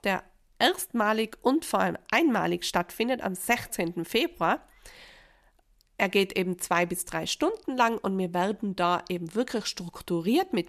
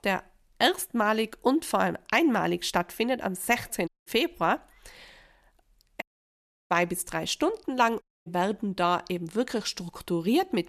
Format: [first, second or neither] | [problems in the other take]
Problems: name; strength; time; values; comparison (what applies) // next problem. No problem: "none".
first | audio cutting out; at 4 s, at 6 s for 0.5 s and at 8 s